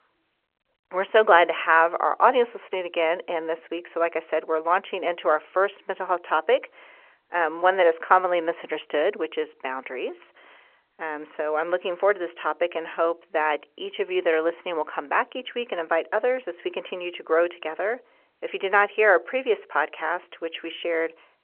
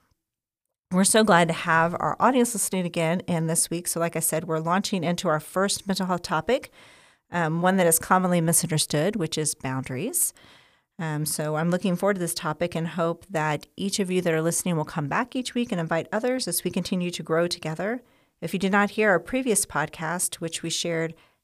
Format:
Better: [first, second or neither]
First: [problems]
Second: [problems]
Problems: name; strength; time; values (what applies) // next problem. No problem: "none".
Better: second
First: phone-call audio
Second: none